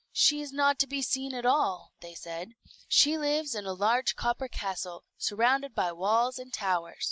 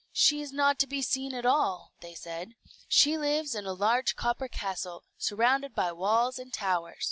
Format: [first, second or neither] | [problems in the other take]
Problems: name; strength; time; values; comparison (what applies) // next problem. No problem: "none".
second | noise reduction (neural mask model Resemble Enhance denoiser)